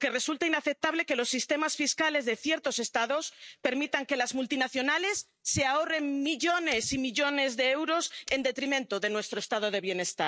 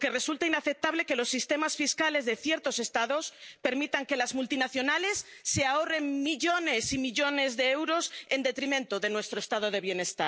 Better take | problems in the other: second | noise reduction (neural mask model RNNoise)

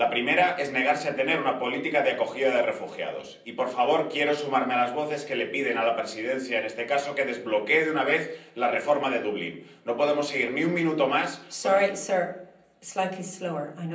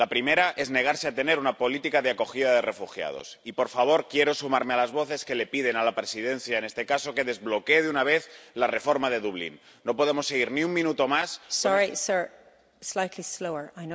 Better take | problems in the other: second | room echo; dies away in 0.6 s

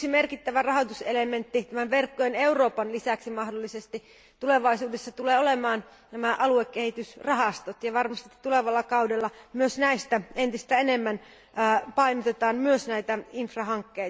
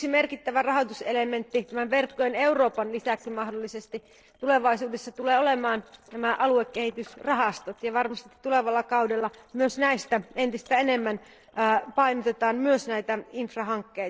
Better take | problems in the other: first | noise reduction (neural separator model SepFormer DNS4)

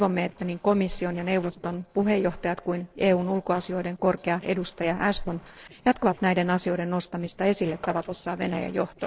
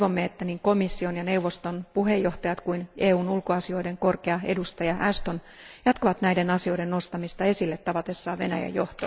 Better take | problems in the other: second | noise reduction (neural separator model SepFormer DNS4)

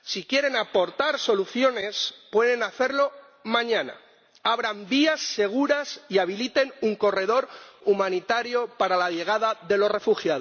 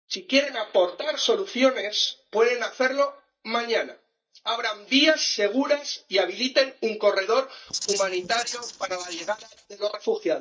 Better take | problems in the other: first | noise reduction (neural mask model DeepFilterNet 3)

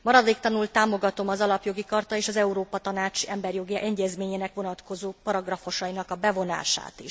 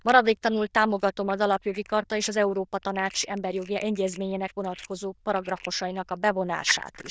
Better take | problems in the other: first | noise reduction (neural diffusion model UNIVERSE++)

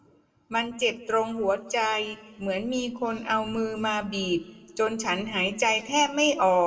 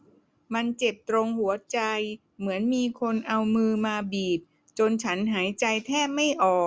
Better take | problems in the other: second | room echo; dies away in 1.2 s

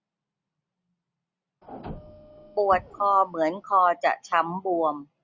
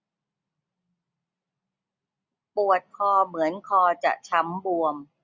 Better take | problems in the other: second | background sound (Printer); 17 dB below the speech

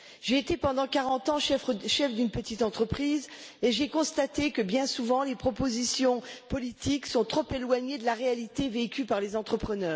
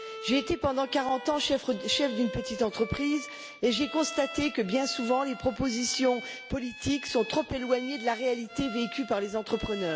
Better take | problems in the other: first | background sound (Bowed string instrument); 13 dB below the speech

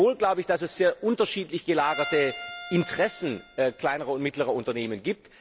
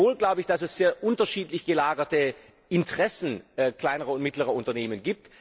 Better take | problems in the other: second | background sound (Bowed string instrument); 12 dB below the speech

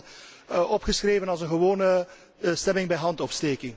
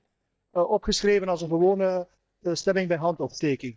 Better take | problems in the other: first | noise reduction (neural mask model DeepFilterNet 3)

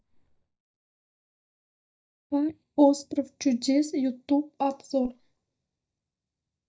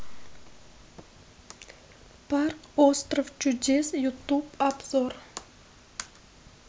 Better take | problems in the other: second | noise reduction (neural mask model DeepFilterNet 3)

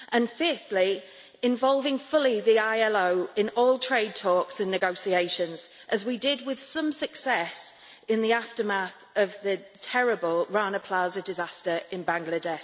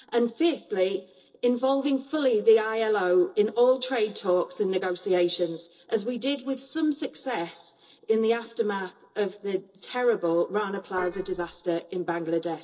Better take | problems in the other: first | noise reduction (neural separator model SepFormer DNS4)

